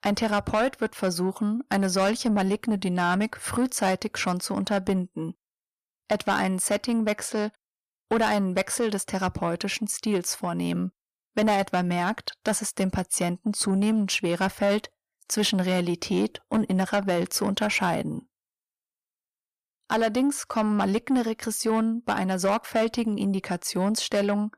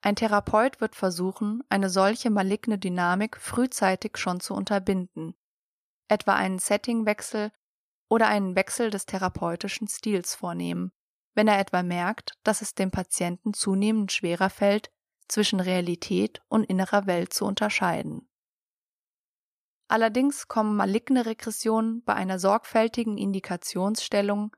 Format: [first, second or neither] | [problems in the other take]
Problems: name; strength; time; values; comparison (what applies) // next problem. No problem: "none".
second | distortion; slight; 10 dB below the speech